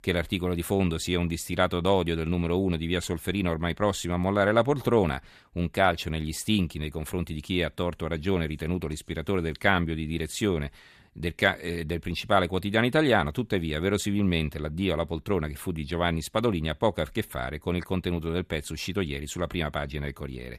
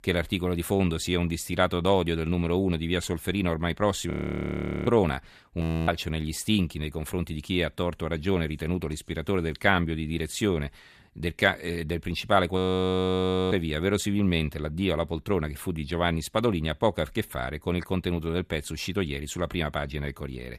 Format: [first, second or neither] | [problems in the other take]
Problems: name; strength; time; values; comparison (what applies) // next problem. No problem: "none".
first | audio freezing; at 4 s for 1 s, at 5.5 s and at 13 s for 1 s